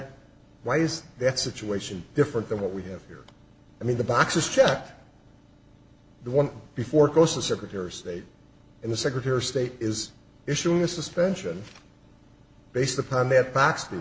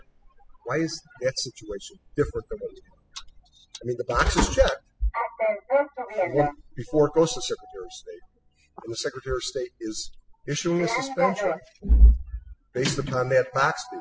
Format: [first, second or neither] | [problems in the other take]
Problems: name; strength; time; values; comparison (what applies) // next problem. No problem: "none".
first | noise reduction (classical method spectral subtraction)